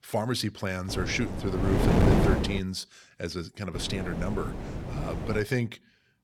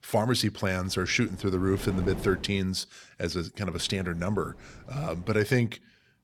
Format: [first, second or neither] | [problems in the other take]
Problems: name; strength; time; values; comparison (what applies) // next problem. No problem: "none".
second | wind noise on the microphone; heavy; from 1 to 2.5 s and from 3.5 to 5.5 s; as loud as the speech; occasional gusts in the second